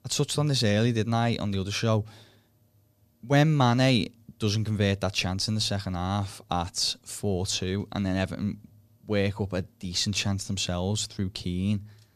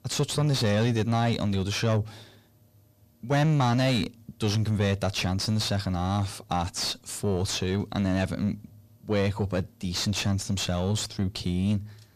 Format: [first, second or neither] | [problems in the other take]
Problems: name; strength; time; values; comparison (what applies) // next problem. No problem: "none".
first | distortion; slight; 10 dB below the speech